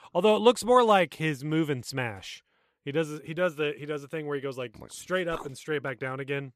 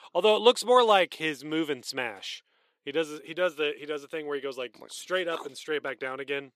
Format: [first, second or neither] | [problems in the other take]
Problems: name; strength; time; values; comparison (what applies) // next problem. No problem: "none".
first | thin; somewhat; fading below 350 Hz